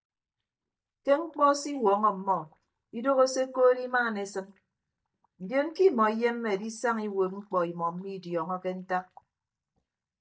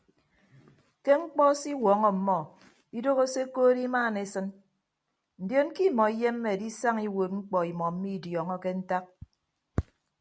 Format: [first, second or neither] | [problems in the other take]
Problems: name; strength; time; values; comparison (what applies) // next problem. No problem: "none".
second | noise reduction (neural mask model DeepFilterNet 3)